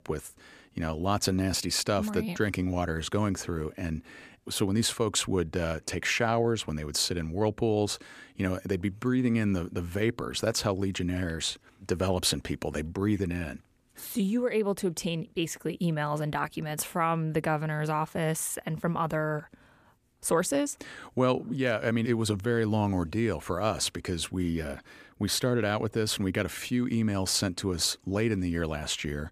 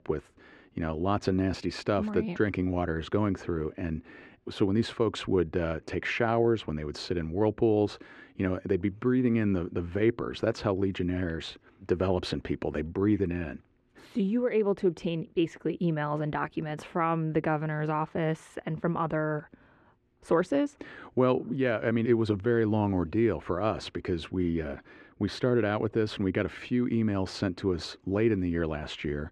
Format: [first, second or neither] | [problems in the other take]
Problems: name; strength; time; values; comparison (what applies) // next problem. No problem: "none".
first | muffled; slightly; fading above 2.5 kHz